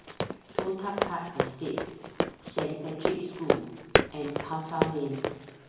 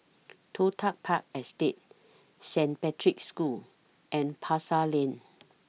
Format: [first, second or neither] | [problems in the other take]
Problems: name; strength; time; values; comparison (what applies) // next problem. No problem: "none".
second | background sound (Run); 4 dB above the speech // room echo; dies away in 1 s